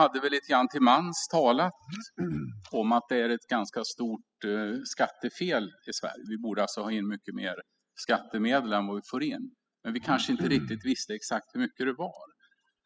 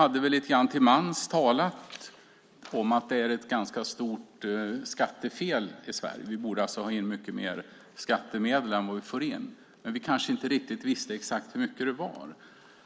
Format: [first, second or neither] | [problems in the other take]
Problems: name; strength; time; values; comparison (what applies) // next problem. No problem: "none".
second | noise reduction (classical method spectral subtraction)